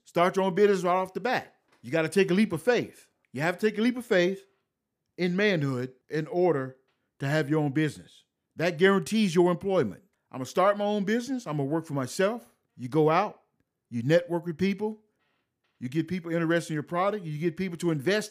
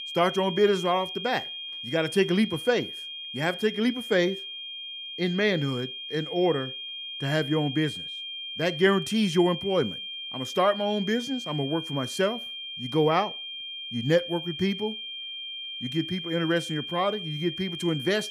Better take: first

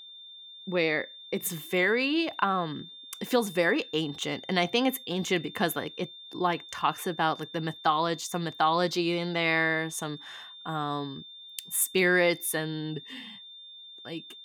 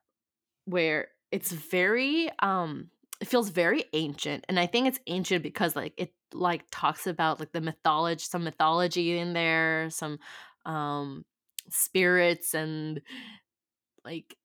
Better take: second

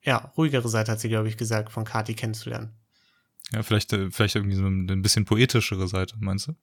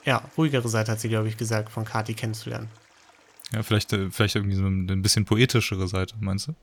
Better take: first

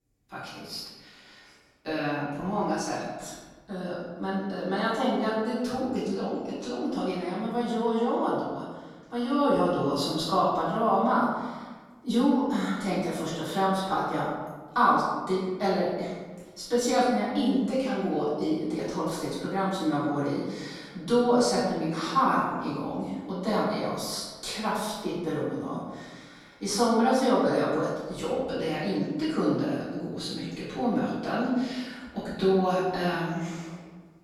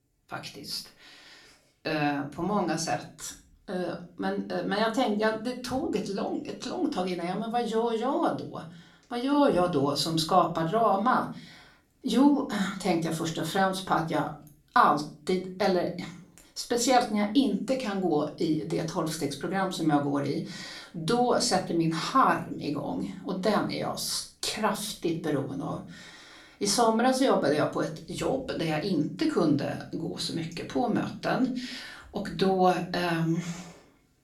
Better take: second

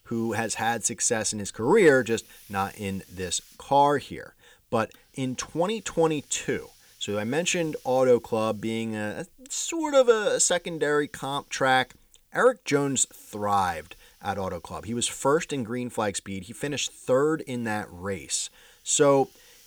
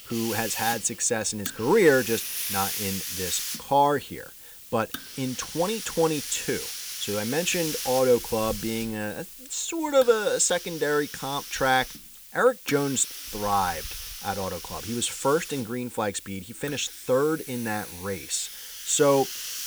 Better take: first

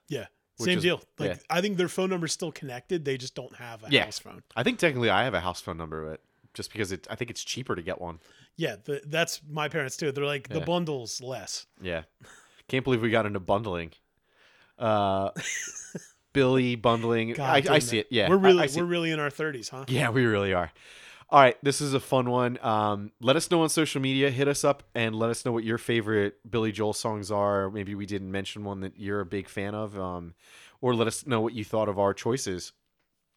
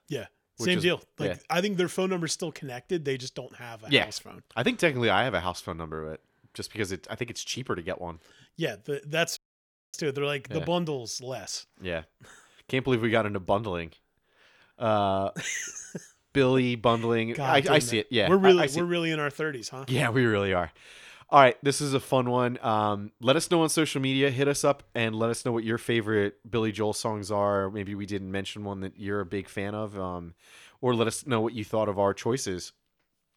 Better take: first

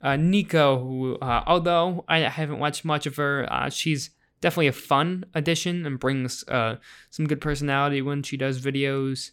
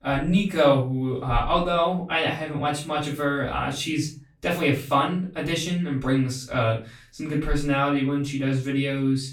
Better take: first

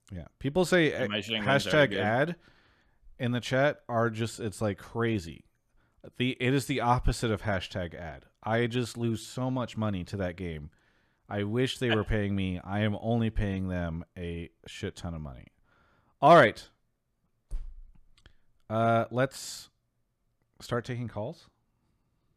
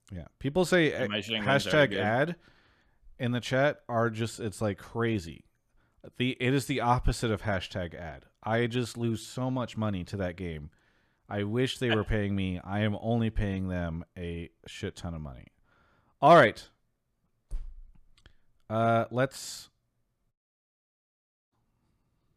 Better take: first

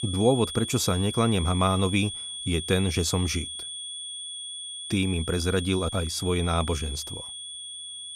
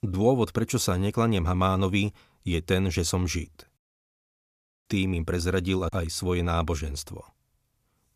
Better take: second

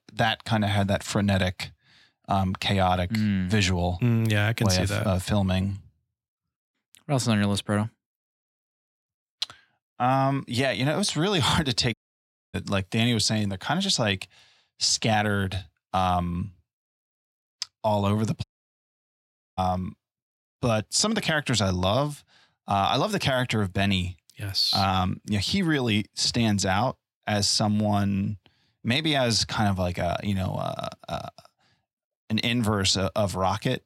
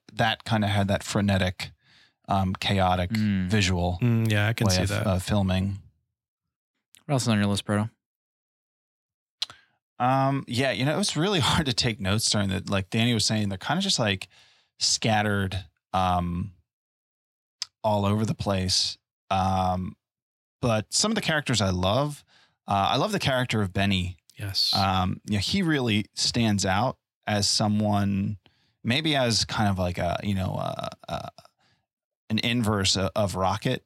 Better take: second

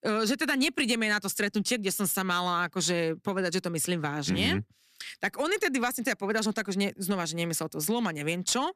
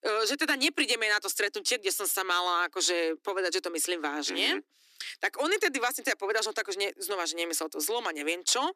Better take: first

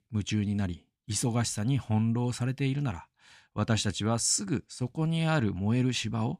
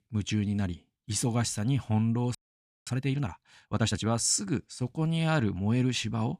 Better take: first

